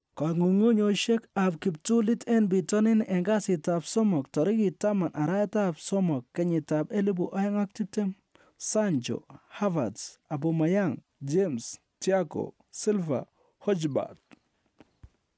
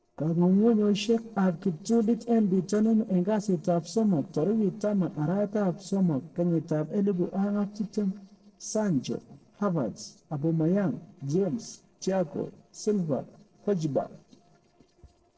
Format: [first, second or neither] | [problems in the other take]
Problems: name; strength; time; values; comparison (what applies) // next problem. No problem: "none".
first | noise reduction (neural separator model SepFormer DNS4)